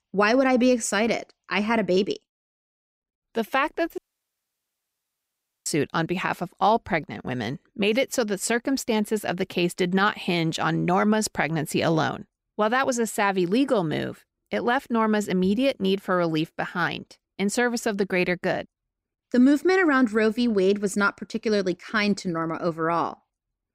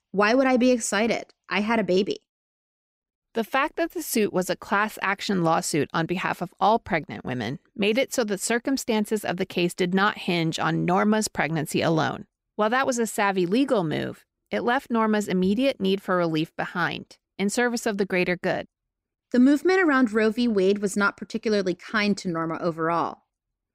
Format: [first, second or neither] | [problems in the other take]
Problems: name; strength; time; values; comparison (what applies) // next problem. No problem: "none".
second | audio cutting out; at 4 s for 1.5 s